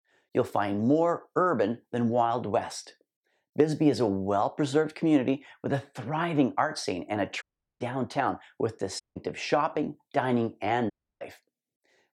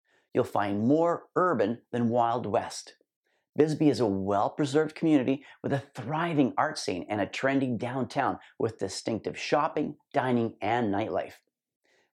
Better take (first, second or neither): second